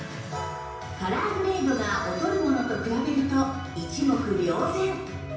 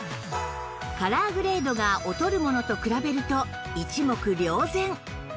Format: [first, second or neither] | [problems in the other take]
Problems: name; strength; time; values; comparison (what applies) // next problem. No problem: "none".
second | room echo; dies away in 0.9 s